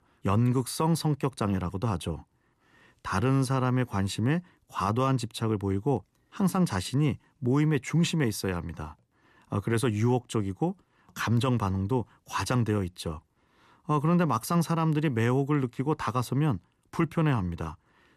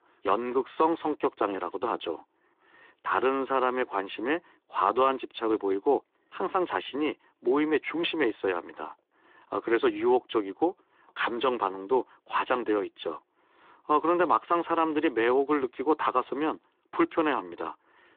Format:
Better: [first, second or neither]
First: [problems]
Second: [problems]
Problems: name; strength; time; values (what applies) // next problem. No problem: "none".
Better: first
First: none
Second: phone-call audio